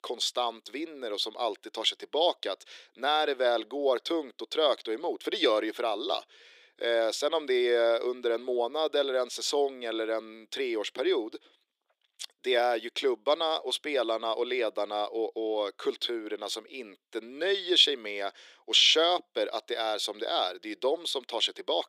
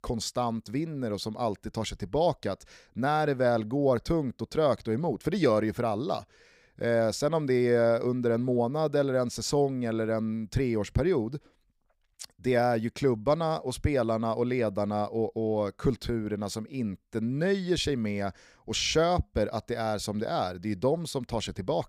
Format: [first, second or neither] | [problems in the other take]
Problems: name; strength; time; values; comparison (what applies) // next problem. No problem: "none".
second | thin; very; fading below 350 Hz